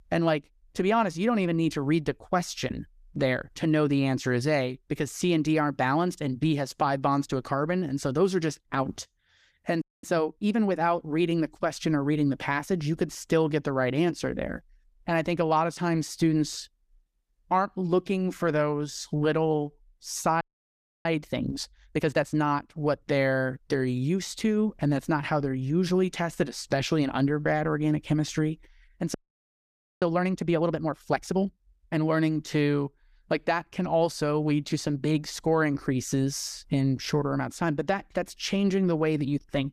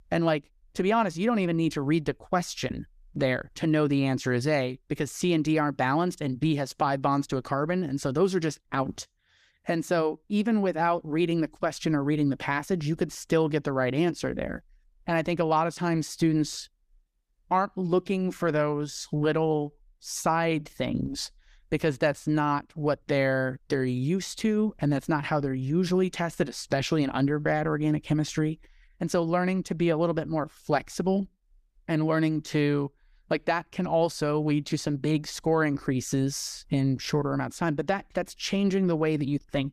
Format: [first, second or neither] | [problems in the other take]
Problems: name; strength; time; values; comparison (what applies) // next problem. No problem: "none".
second | audio freezing; at 10 s, at 20 s for 0.5 s and at 29 s for 1 s